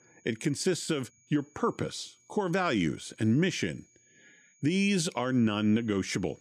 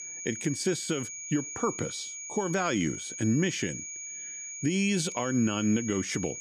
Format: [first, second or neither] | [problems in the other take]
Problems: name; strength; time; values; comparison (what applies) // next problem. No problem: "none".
first | high-pitched whine; loud; throughout; 6.5 kHz, 7 dB below the speech; faint in the first